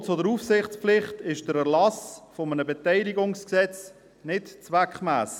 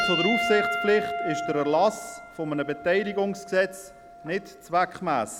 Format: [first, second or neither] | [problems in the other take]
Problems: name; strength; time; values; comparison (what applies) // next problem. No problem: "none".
first | background sound (Piano); 6 dB below the speech